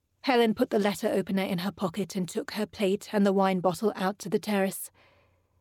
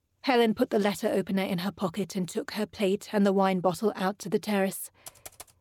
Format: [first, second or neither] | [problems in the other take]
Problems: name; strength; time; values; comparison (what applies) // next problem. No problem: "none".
first | keyboard typing; faint; at 5 s; peak 15 dB below the speech